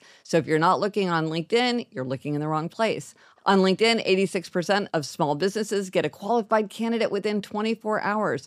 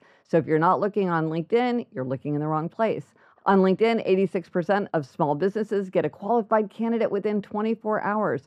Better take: first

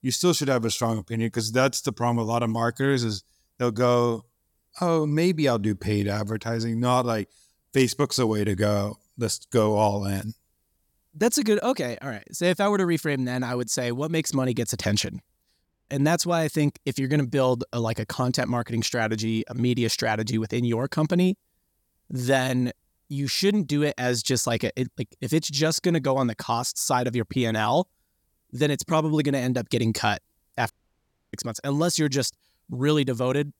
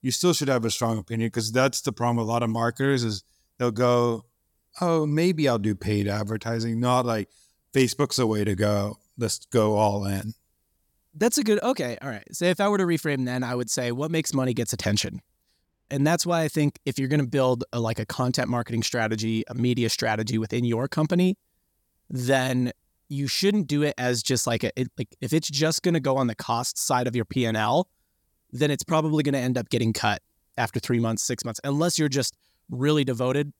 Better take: second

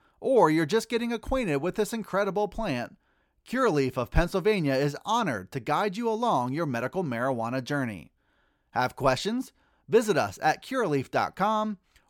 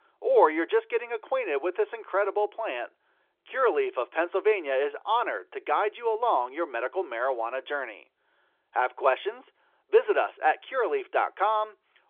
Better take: first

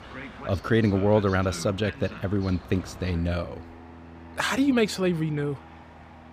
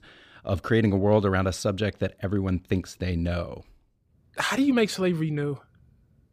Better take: second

